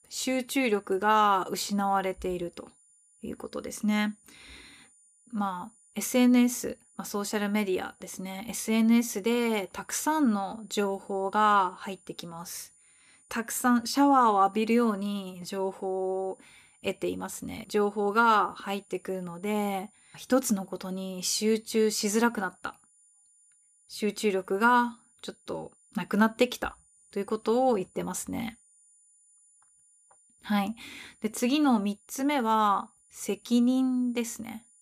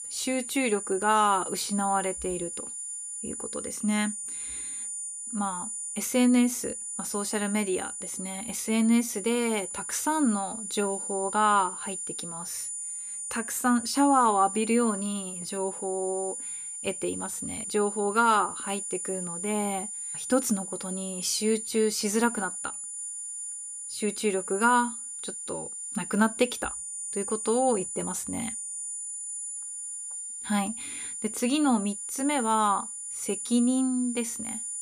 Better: first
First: high-pitched whine; faint; throughout; 9.5 kHz, 30 dB below the speech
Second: high-pitched whine; loud; throughout; 9.5 kHz, 6 dB below the speech

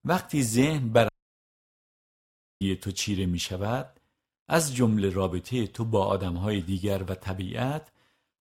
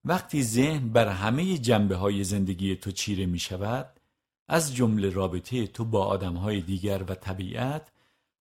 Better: second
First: audio cutting out; at 1 s for 1.5 s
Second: none

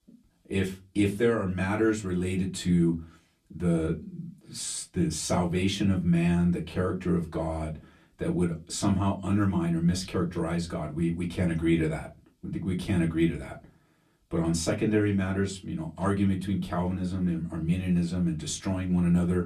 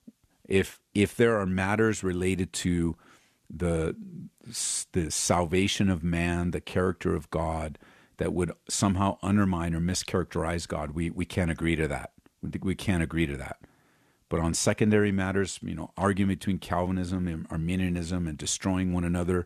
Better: second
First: off-mic speech; far // room echo; very slight; dies away in 0.2 s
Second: none

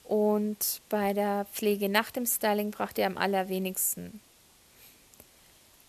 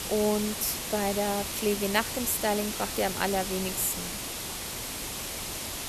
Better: first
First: hiss; faint; throughout; 30 dB below the speech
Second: hiss; loud; throughout; 4 dB below the speech

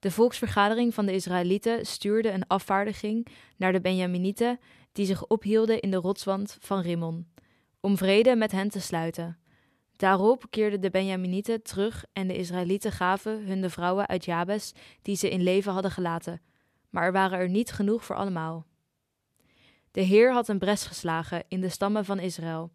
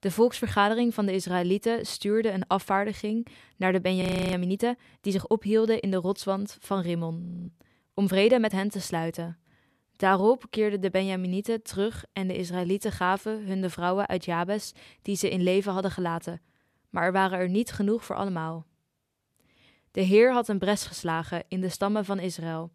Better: first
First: none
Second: audio freezing; at 4 s and at 7 s

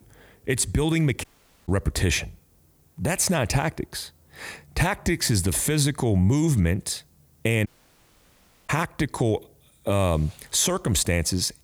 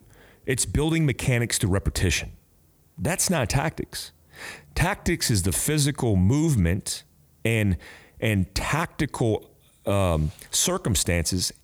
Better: second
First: audio cutting out; at 1 s and at 7.5 s for 1 s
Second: none

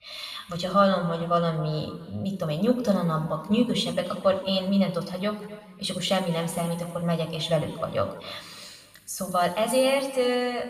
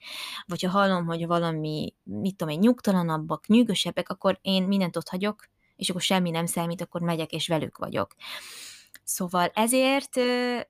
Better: second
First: room echo; noticeable; dies away in 1.9 s // off-mic speech; somewhat distant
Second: none

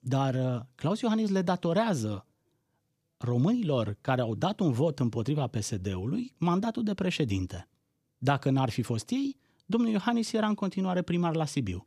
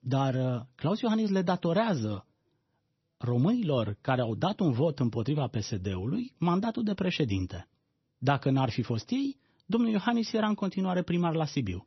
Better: first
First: none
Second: garbled, watery; slightly; nothing above 6 kHz

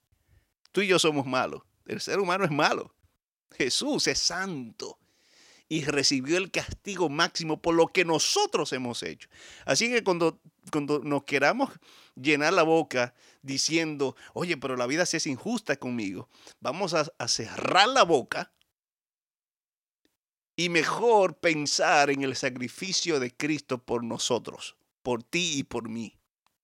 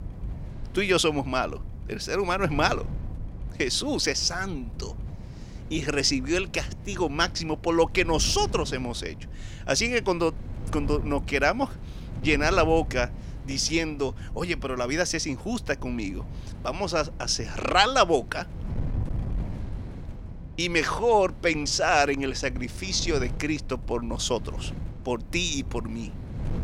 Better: first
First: none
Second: wind noise on the microphone; occasional gusts; 20 dB below the speech

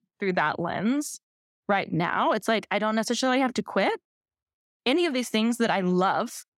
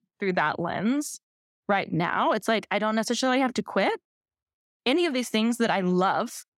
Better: neither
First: none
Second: none

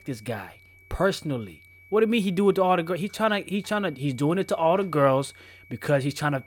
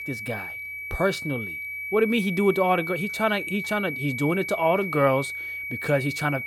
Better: first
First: high-pitched whine; faint; throughout; 2.5 kHz, 25 dB below the speech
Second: high-pitched whine; loud; throughout; 2.5 kHz, 6 dB below the speech

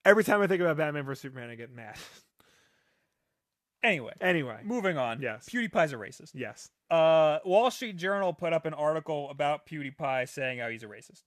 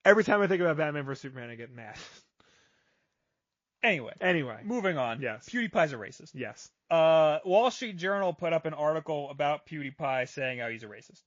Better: first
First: none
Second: garbled, watery; slightly

